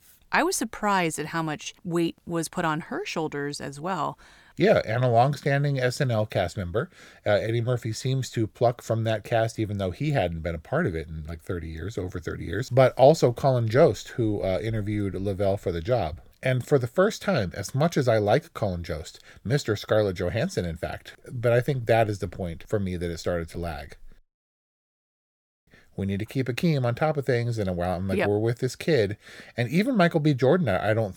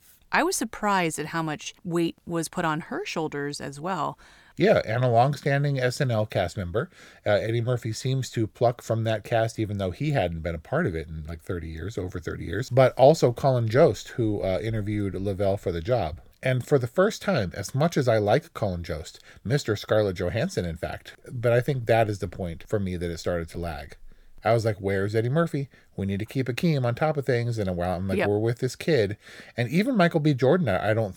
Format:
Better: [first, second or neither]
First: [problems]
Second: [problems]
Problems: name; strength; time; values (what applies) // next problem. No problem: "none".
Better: second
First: audio cutting out; at 24 s for 1.5 s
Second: none